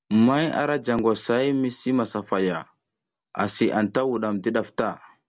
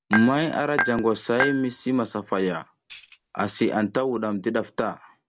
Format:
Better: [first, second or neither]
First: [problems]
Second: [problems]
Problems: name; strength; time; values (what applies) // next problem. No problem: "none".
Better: first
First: none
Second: background sound (Tambourine + Dishes, pots, and pans / Chink, clink); 5 dB below the speech